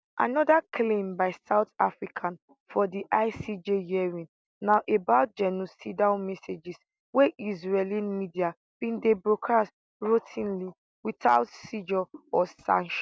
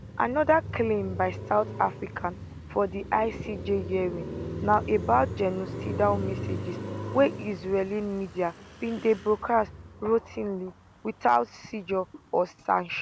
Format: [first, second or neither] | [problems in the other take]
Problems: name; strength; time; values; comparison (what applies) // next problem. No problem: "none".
first | background sound (Car passing by); 10 dB below the speech